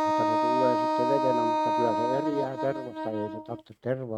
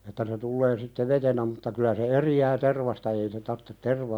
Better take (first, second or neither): second